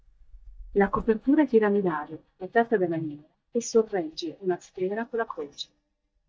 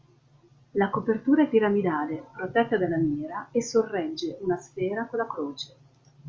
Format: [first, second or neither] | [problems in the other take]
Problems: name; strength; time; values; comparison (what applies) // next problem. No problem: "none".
second | noise reduction (neural mask model DeepFilterNet 3)